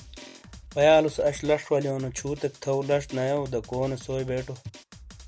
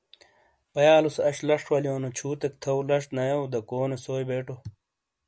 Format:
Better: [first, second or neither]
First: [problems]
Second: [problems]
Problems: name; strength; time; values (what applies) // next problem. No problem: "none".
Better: second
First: background sound (Drum); 19 dB below the speech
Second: none